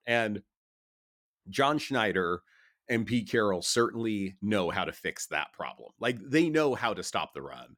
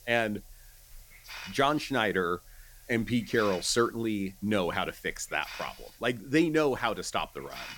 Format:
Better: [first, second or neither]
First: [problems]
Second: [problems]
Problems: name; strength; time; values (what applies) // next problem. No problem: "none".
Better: first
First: none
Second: hiss; noticeable; throughout; 20 dB below the speech